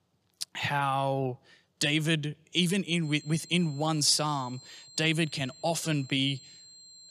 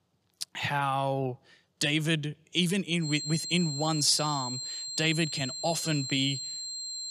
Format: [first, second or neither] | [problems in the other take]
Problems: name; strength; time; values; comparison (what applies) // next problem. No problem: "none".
first | high-pitched whine; loud; from 3 s on; 4 kHz, 6 dB below the speech; faint in the first